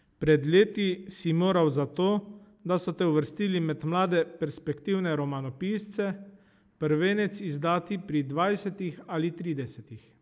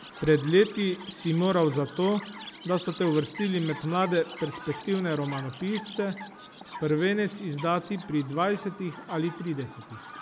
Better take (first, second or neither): first